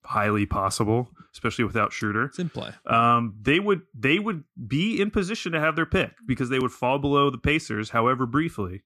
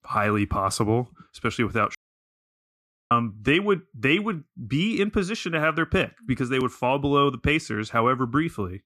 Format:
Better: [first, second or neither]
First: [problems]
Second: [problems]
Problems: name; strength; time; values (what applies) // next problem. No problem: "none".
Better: first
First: none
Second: audio cutting out; at 2 s for 1 s